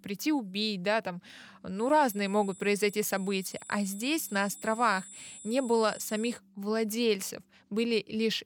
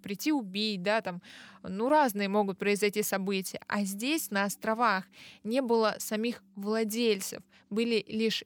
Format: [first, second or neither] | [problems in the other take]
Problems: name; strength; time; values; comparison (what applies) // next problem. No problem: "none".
second | high-pitched whine; noticeable; from 2 to 6.5 s; 7.5 kHz, 15 dB below the speech